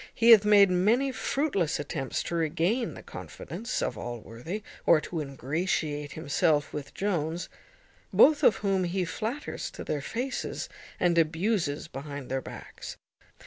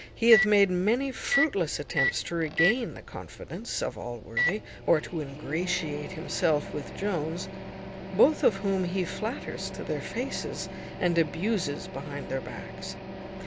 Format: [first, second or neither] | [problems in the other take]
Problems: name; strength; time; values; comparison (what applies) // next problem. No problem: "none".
first | background sound (Microwave oven); 6 dB below the speech